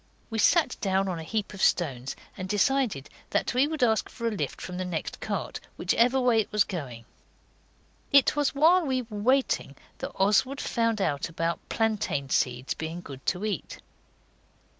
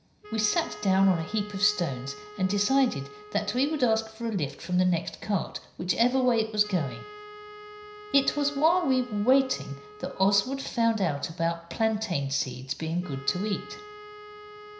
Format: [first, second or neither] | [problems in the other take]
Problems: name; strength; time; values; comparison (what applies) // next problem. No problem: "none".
first | background sound (Wind instrument, woodwind instrument); 18 dB below the speech // room echo; dies away in 0.5 s